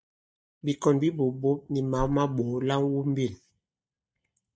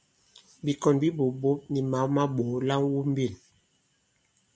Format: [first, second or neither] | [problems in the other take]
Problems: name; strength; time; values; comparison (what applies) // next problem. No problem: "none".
second | noise reduction (neural mask model DeepFilterNet 3)